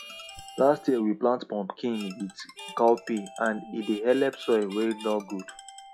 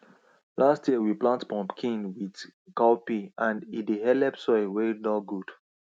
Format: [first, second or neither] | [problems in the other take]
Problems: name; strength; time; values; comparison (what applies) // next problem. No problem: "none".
second | noise reduction (classical method log-MMSE)